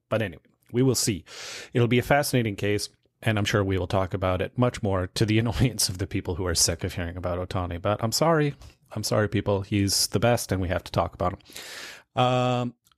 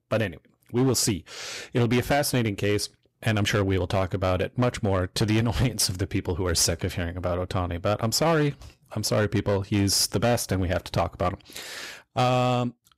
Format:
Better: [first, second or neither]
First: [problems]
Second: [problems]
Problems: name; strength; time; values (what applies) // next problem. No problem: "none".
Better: first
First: none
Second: distortion; slight; 7% of the sound clipped